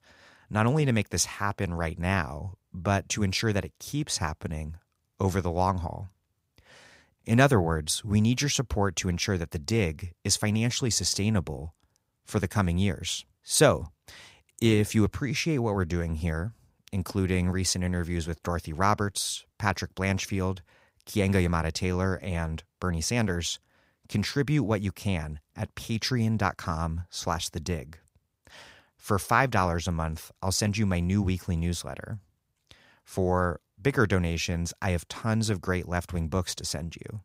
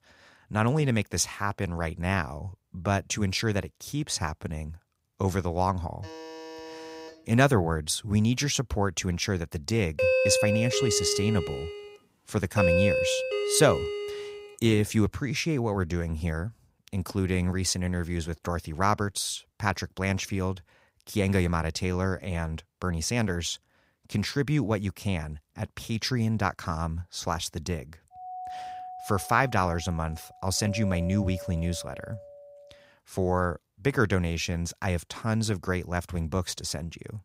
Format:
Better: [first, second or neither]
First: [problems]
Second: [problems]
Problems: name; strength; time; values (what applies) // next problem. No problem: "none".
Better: first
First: none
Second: alarm; faint; from 6 to 7.5 s; peak 15 dB below the speech // doorbell; loud; from 10 to 14 s; peak 5 dB above the speech // doorbell; noticeable; from 28 to 33 s; peak 9 dB below the speech